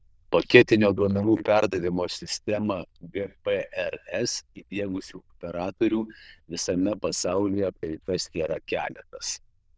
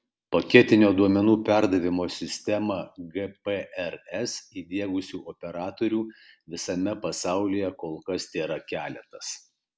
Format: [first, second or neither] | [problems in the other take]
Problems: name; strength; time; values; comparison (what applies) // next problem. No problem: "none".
second | noise reduction (neural diffusion model UNIVERSE++)